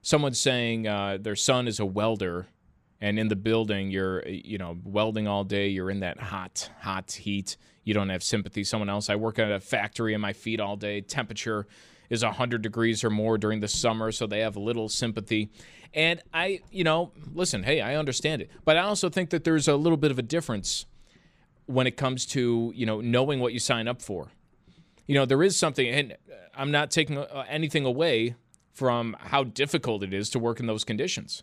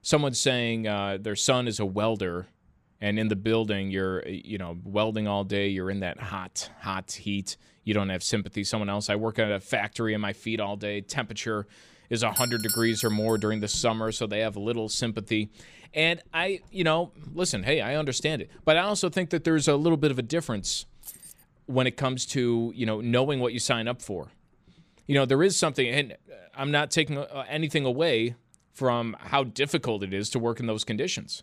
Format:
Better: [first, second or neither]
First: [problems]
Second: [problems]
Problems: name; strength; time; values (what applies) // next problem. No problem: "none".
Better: first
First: none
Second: doorbell; loud; at 12 s; peak 1 dB above the speech // jangling keys; faint; at 21 s; peak 15 dB below the speech